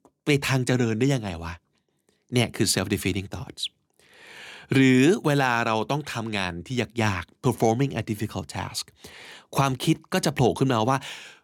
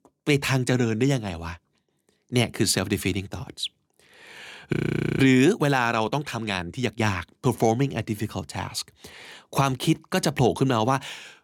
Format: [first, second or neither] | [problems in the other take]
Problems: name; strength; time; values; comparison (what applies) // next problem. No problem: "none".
first | audio freezing; at 4.5 s